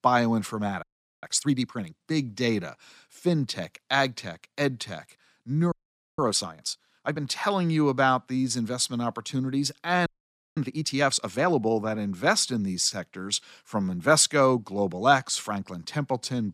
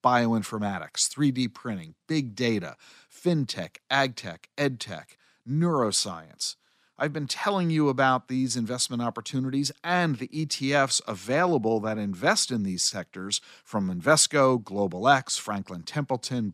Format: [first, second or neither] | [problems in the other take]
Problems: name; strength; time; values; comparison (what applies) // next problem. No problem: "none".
second | audio freezing; at 1 s, at 5.5 s and at 10 s for 0.5 s